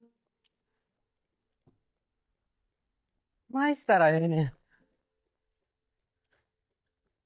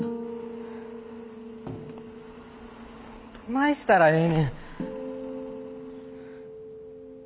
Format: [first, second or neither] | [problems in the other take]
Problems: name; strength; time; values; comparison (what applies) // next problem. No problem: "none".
second | noise reduction (neural mask model DeepFilterNet 3)